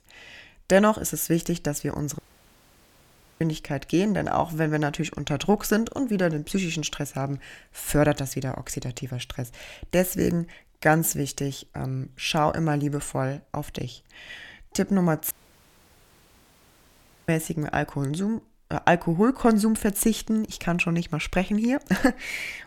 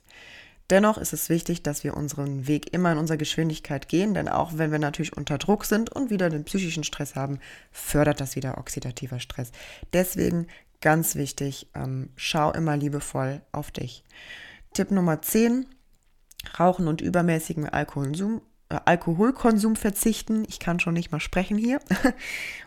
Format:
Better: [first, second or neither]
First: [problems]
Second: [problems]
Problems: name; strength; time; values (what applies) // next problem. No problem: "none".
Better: second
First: audio cutting out; at 2 s for 1 s and at 15 s for 2 s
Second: none